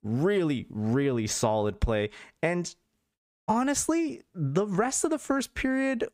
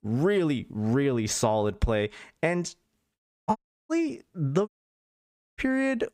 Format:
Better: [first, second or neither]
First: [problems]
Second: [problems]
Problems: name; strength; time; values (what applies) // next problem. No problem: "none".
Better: first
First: none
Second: audio cutting out; at 3.5 s and at 4.5 s for 1 s